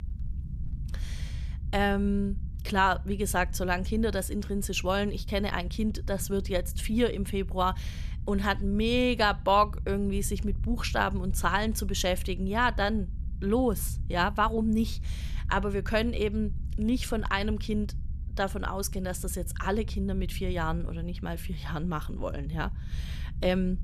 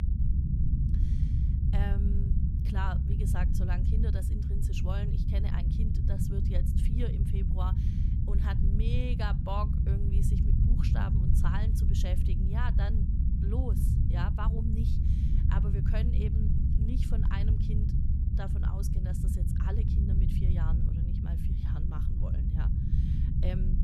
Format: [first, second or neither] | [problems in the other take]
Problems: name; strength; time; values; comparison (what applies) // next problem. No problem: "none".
first | low rumble; loud; throughout; 1 dB below the speech; faint in the first